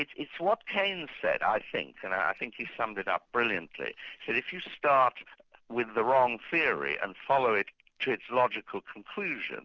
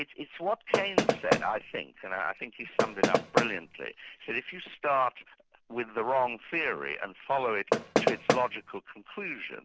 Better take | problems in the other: first | background sound (Knock); 5 dB above the speech

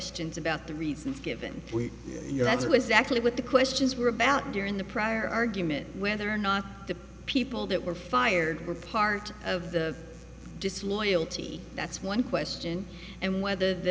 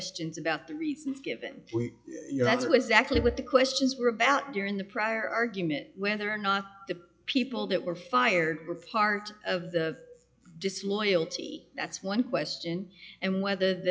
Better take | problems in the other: first | noise reduction (classical method log-MMSE)

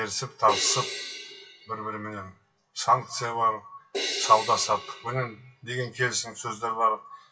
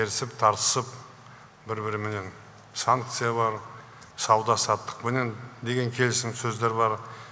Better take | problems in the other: second | noise reduction (classical method WPE with log-MMSE)

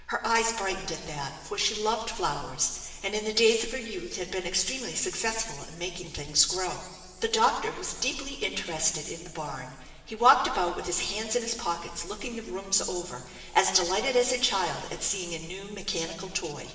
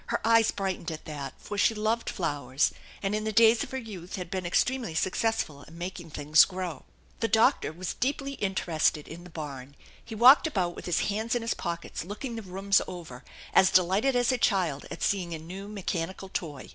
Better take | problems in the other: second | room echo; dies away in 2.2 s

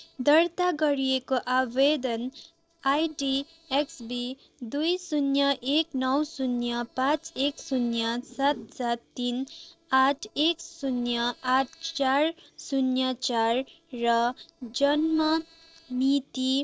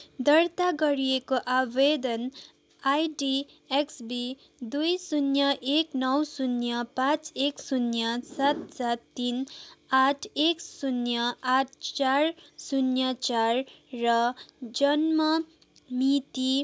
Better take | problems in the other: second | noise reduction (neural separator model SepFormer DNS4)

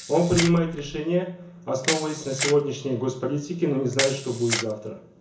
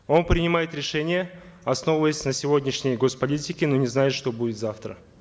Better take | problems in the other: second | background sound (Camera); 8 dB below the speech // room echo; dies away in 0.7 s

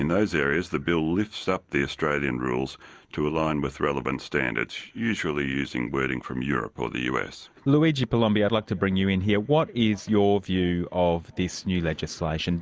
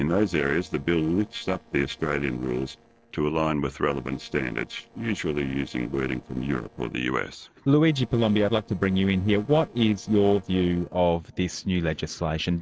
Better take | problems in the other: first | noise reduction (neural separator model SepFormer DNS4)

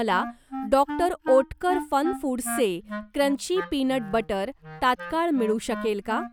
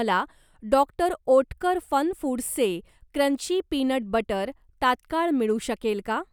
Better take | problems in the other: second | background sound (Wind instrument, woodwind instrument); 11 dB below the speech

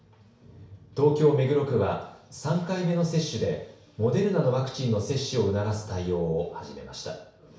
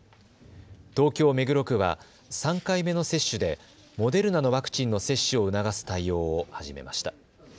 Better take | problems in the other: second | room echo; dies away in 0.6 s

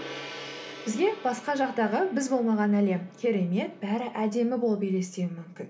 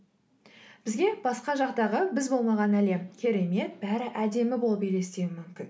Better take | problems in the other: second | background sound (Gong); 17 dB below the speech

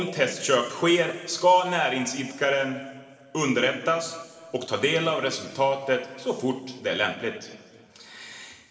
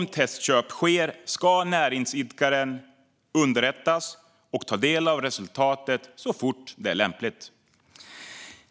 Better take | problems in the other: second | room echo; dies away in 2.9 s

